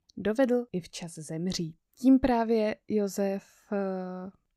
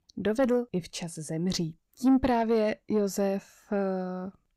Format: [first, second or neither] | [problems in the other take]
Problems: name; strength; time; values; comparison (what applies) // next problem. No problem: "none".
first | distortion; slight; 10 dB below the speech